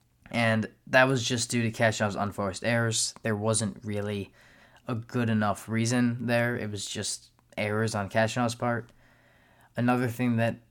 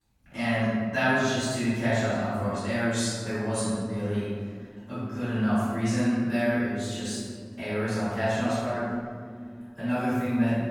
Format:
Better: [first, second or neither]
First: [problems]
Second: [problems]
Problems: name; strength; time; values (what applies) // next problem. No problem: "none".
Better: first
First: none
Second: room echo; strong; dies away in 2.1 s // off-mic speech; far